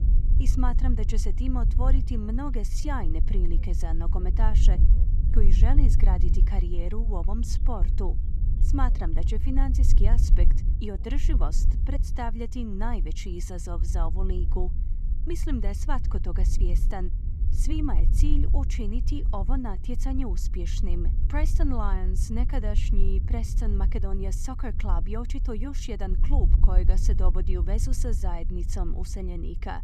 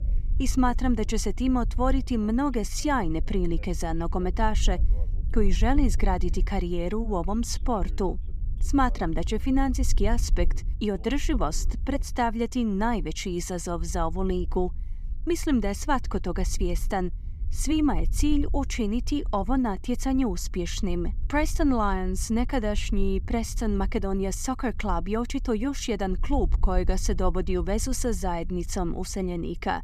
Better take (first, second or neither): second